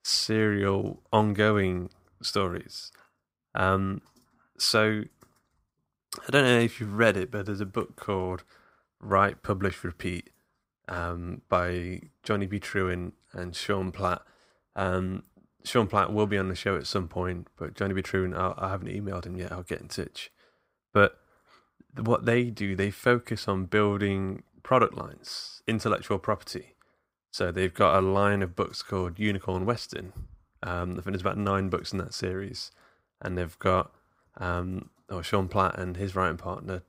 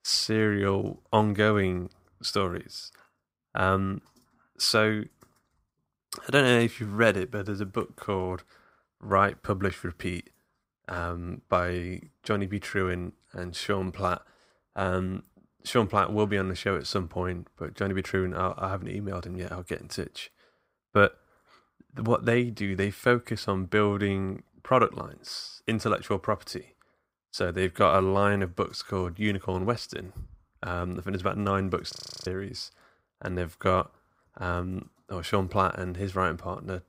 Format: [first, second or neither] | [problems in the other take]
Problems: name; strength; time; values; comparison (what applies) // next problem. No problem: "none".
first | audio freezing; at 32 s